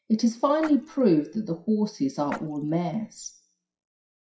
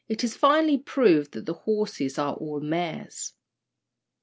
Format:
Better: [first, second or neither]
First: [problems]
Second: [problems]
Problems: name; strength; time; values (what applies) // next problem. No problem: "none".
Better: second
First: noise reduction (classical method WPE with log-MMSE)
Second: none